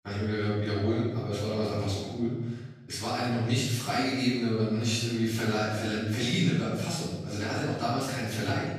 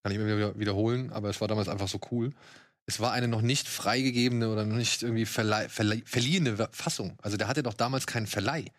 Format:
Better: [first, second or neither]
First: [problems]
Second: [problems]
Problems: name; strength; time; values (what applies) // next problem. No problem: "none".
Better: second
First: off-mic speech; far // room echo; strong; dies away in 0.9 s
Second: none